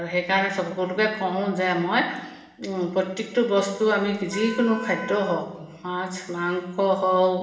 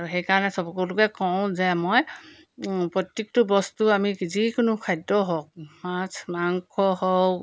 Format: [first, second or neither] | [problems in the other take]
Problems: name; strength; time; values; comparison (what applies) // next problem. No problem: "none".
second | background sound (Wind instrument, woodwind instrument); 12 dB below the speech // room echo; dies away in 1 s